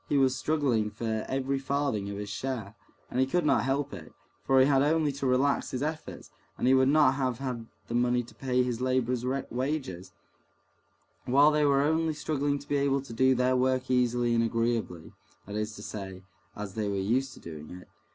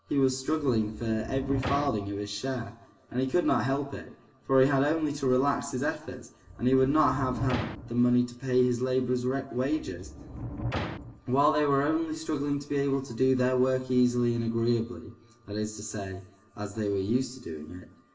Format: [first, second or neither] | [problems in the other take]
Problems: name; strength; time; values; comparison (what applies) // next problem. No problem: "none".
first | background sound (Sliding door); 9 dB below the speech // room echo; dies away in 0.8 s